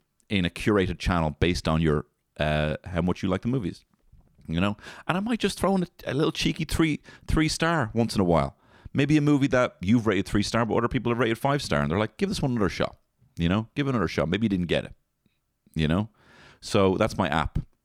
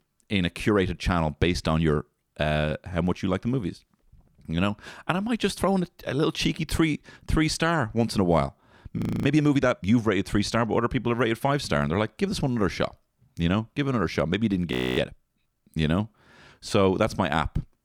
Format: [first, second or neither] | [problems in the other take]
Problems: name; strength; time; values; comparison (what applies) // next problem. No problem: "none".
first | audio freezing; at 9 s and at 15 s